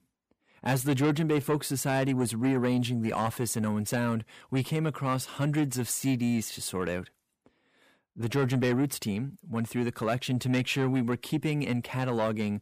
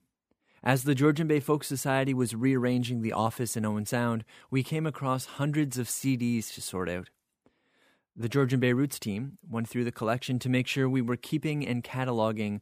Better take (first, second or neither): second